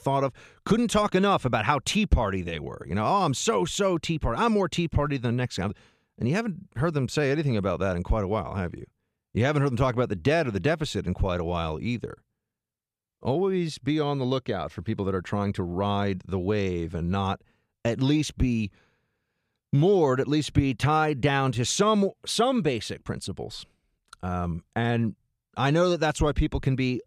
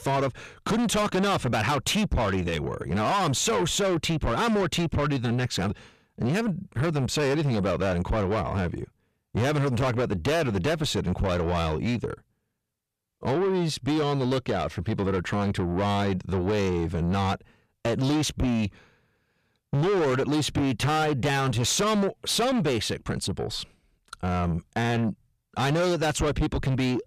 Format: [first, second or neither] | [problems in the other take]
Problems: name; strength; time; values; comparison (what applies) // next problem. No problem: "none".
first | distortion; heavy; 7 dB below the speech